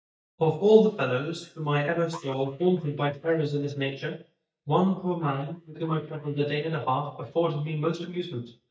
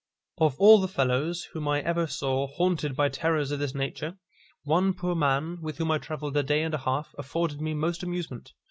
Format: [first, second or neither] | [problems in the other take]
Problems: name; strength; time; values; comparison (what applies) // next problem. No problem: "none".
second | noise reduction (neural mask model DeepFilterNet 3)